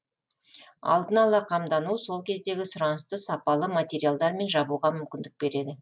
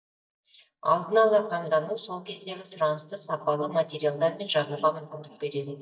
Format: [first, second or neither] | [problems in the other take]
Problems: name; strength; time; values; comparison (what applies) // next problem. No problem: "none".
first | noise reduction (neural mask model DeepFilterNet 3)